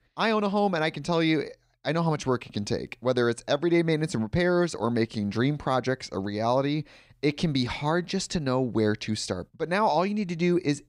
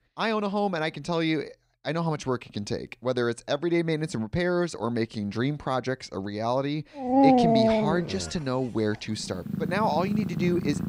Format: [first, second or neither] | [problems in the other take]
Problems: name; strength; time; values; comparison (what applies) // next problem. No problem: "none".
first | animal sounds; very loud; from 7 s on; 4 dB above the speech